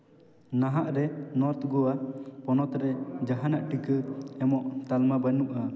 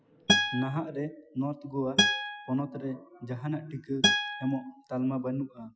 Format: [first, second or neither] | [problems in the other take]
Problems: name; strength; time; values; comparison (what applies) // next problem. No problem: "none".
first | noise reduction (classical method Wiener filter)